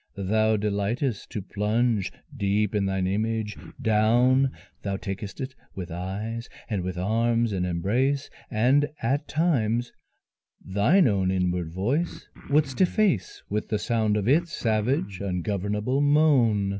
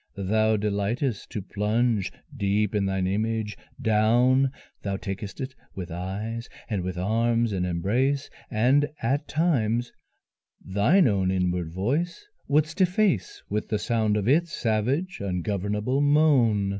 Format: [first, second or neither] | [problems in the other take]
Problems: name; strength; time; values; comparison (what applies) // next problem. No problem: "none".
second | background sound (Cough); 16 dB below the speech